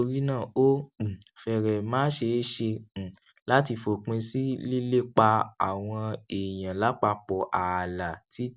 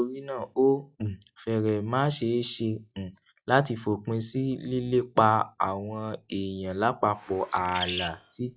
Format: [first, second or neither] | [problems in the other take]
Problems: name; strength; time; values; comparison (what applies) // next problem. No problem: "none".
first | noise reduction (classical method log-MMSE)